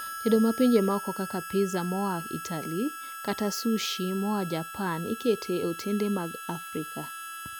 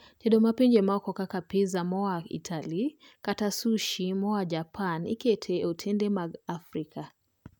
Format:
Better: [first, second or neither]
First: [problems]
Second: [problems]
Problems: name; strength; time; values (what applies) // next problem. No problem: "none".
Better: second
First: background sound (Harmonica); 10 dB below the speech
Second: none